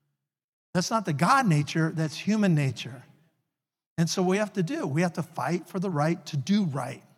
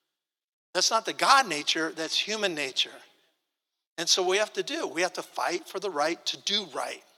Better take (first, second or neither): first